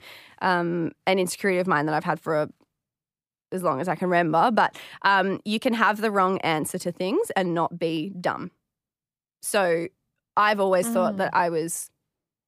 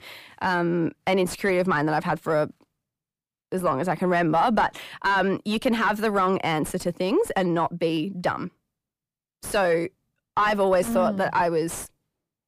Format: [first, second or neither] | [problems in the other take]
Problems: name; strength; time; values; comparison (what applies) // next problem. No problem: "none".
first | distortion; slight; 10 dB below the speech